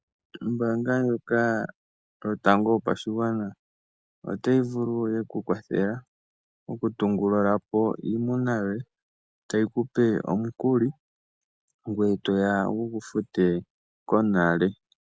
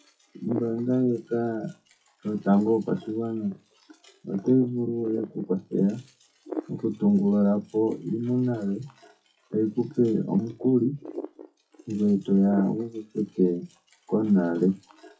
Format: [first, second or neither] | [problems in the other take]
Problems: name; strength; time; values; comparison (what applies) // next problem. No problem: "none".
first | noise reduction (classical method WPE with log-MMSE)